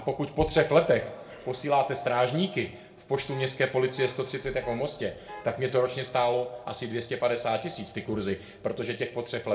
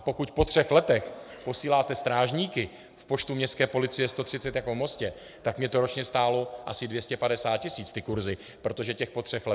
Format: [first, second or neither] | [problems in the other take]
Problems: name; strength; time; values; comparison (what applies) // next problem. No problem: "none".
second | background sound (Alarm / Car); 19 dB below the speech // room echo; dies away in 0.4 s